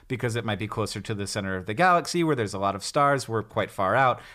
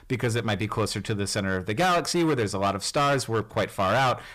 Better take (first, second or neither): first